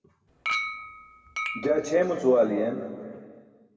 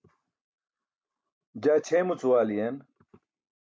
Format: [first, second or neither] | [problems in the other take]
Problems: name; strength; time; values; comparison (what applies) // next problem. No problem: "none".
second | background sound (Chink, clink); 6 dB below the speech // room echo; dies away in 1.9 s